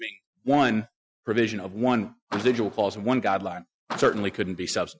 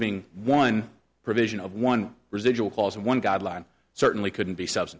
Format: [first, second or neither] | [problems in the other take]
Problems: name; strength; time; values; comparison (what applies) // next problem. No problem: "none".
second | noise reduction (classical method Wiener filter)